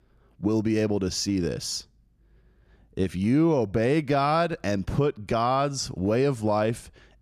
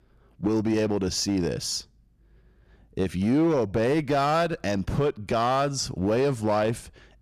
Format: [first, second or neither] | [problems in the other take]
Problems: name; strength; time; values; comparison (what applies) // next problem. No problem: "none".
first | distortion; slight; 7% of the sound clipped